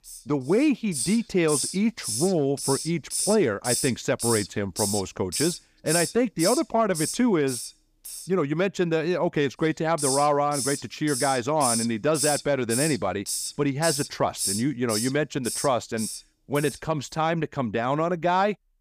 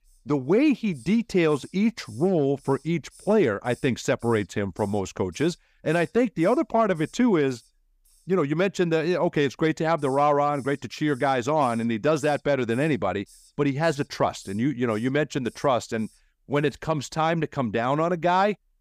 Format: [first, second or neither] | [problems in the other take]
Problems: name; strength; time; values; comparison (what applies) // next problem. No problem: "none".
second | hiss; loud; until 8.5 s and from 10 to 17 s; 4 dB below the speech; faint in the second